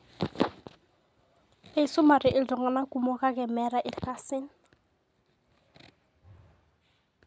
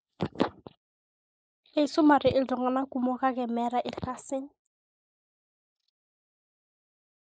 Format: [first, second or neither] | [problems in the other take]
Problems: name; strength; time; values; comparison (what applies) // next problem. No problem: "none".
first | noise reduction (neural mask model Resemble Enhance denoiser)